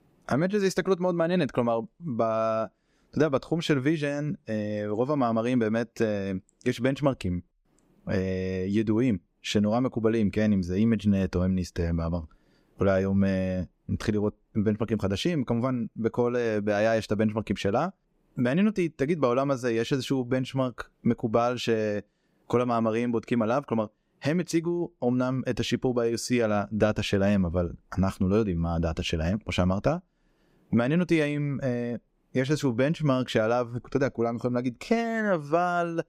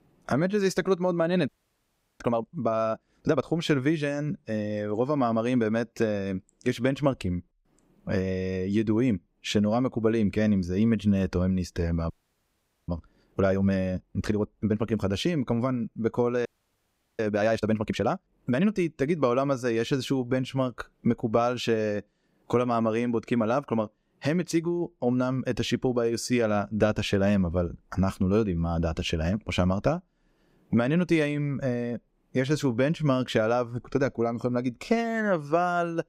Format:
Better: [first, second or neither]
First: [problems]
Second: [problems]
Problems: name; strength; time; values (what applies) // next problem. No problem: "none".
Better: first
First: none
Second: audio freezing; at 1.5 s for 0.5 s, at 12 s for 1 s and at 16 s for 0.5 s